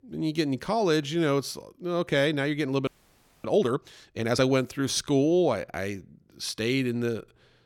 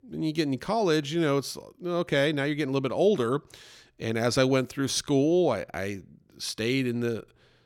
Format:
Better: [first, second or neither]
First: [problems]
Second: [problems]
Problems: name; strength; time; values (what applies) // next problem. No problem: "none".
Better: second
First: audio freezing; at 3 s for 0.5 s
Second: none